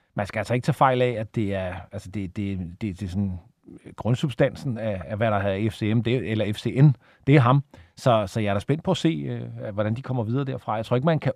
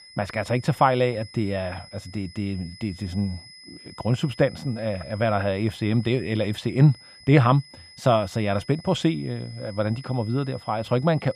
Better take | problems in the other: first | high-pitched whine; noticeable; throughout; 5 kHz, 20 dB below the speech

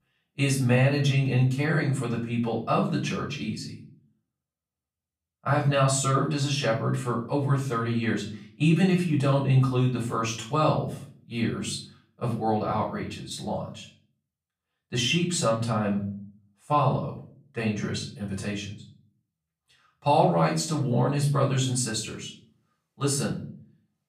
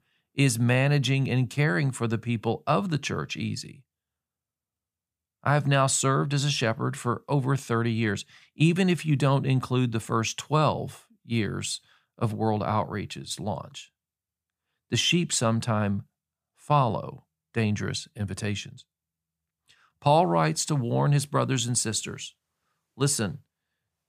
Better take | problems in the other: second | off-mic speech; far // room echo; slight; dies away in 0.4 s

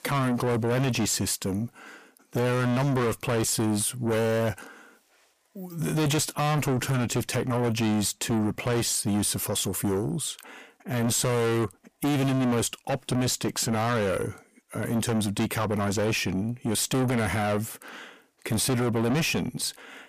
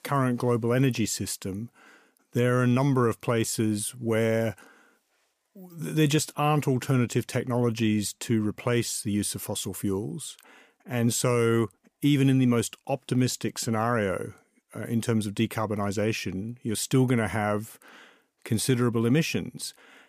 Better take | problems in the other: second | distortion; heavy; 5 dB below the speech

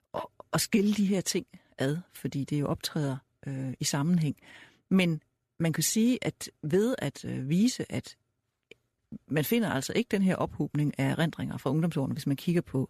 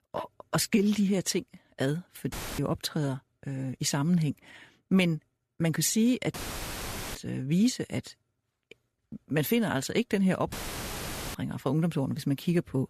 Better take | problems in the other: first | audio cutting out; filled with static; at 2.5 s, at 6.5 s for 1 s and at 11 s for 1 s

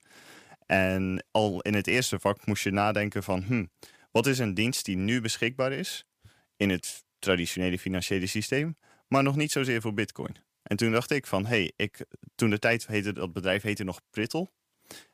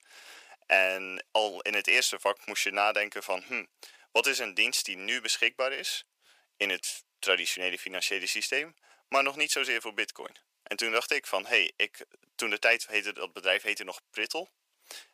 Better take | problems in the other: first | thin; very; fading below 500 Hz

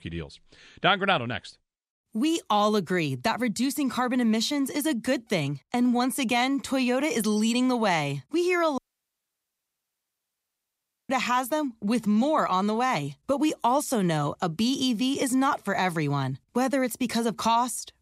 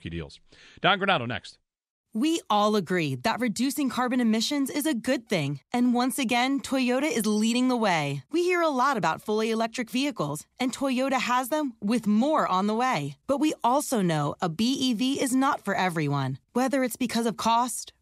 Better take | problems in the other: second | audio cutting out; at 9 s for 2.5 s

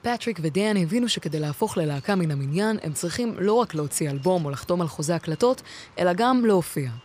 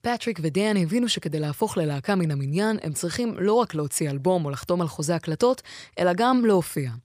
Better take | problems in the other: second | wind noise on the microphone; occasional gusts; 25 dB below the speech

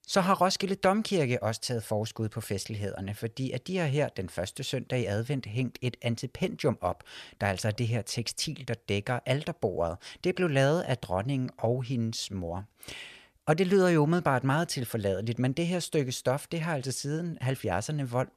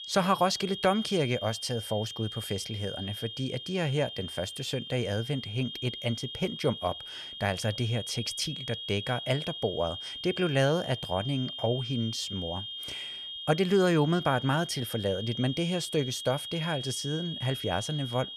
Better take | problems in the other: first | high-pitched whine; loud; throughout; 3 kHz, 7 dB below the speech

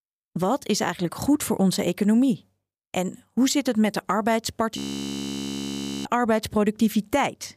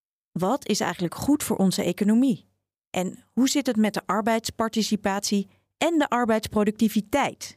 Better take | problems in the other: second | audio freezing; at 5 s for 1.5 s

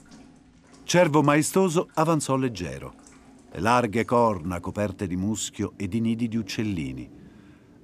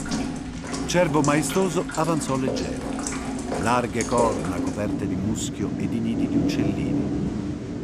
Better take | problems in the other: first | rain or running water; loud; throughout; 2 dB below the speech; faint in the first

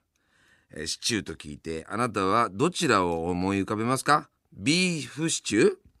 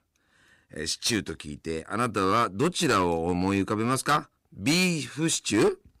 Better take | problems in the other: first | distortion; slight; 5% of the sound clipped

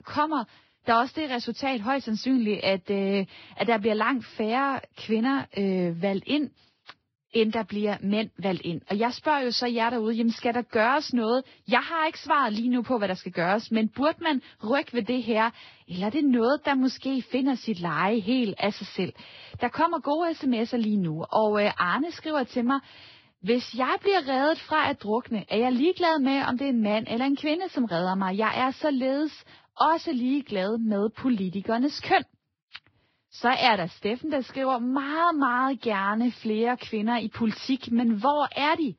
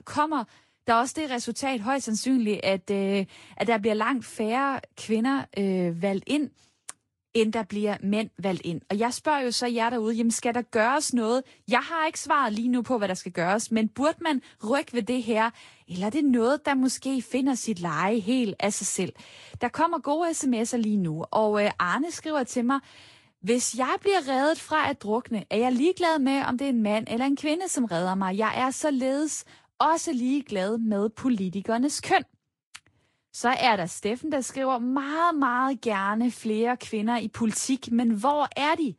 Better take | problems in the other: second | garbled, watery; badly; nothing above 5.5 kHz; slightly in the second

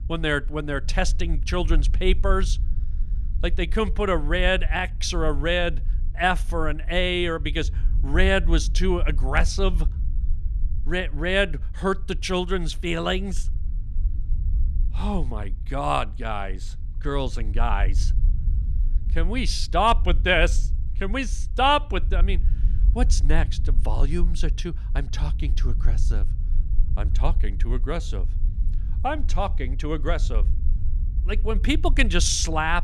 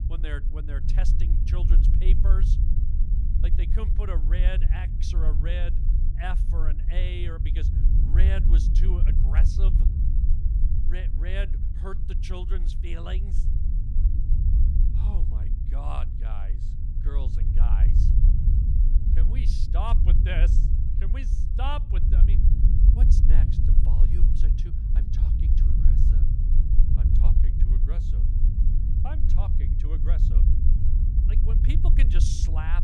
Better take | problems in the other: first | low rumble; loud; throughout; 3 dB below the speech; faint in the first

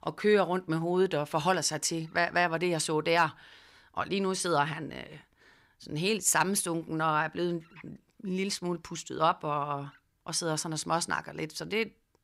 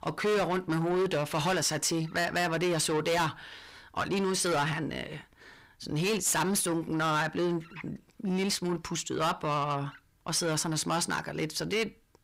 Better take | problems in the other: first | distortion; heavy; 6 dB below the speech

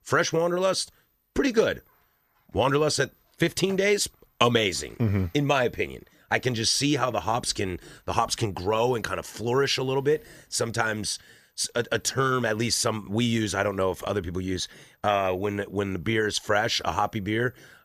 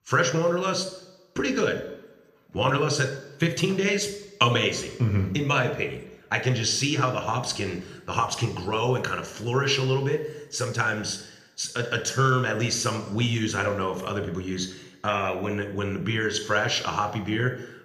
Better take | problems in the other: first | room echo; slight; dies away in 0.7 s

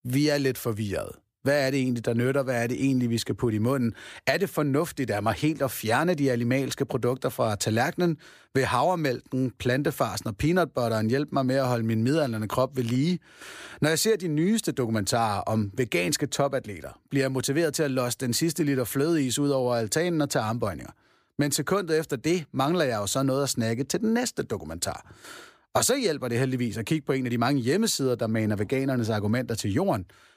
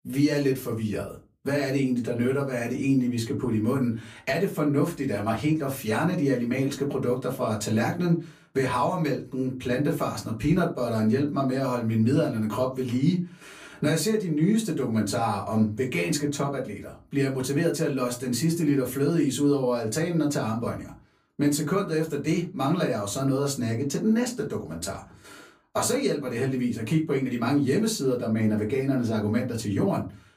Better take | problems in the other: first | off-mic speech; far // room echo; very slight; dies away in 0.3 s

